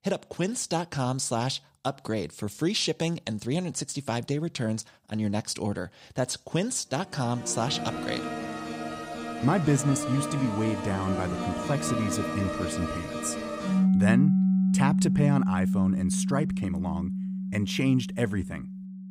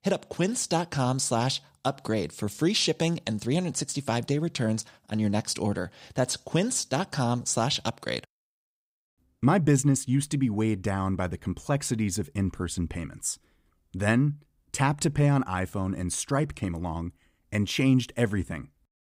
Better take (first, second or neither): second